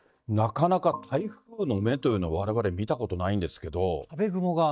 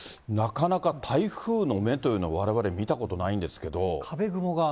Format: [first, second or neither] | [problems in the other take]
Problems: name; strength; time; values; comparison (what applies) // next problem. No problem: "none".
second | noise reduction (neural mask model DeepFilterNet 3)